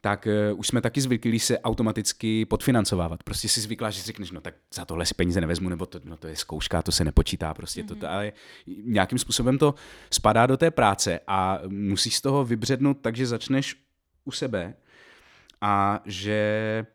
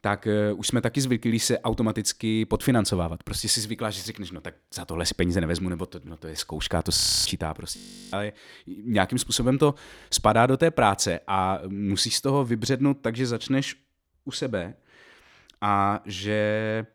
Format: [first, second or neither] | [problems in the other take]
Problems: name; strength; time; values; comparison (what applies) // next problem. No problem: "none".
first | audio freezing; at 7 s and at 8 s